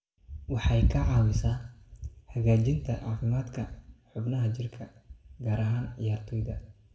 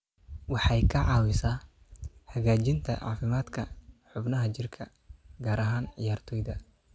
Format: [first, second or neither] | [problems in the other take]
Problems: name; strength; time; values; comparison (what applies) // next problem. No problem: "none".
second | room echo; dies away in 0.7 s